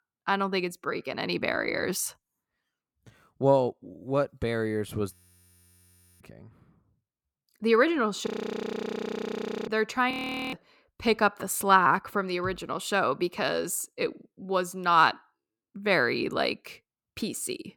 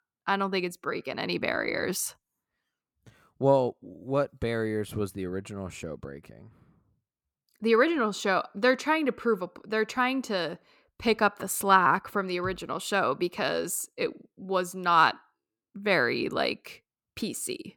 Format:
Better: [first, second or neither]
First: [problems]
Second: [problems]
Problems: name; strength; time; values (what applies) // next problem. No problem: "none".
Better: second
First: audio freezing; at 5 s for 1 s, at 8.5 s for 1.5 s and at 10 s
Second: none